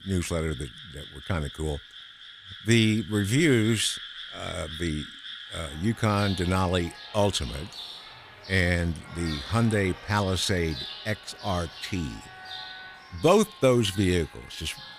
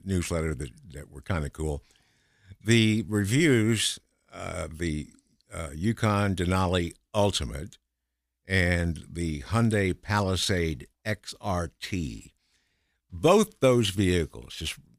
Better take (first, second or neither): second